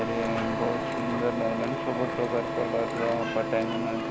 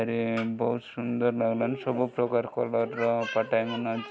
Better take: second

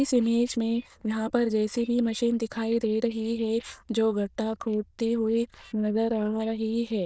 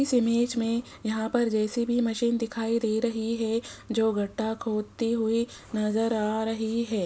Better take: second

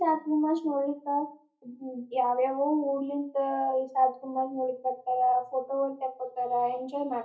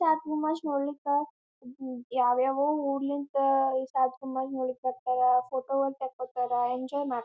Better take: second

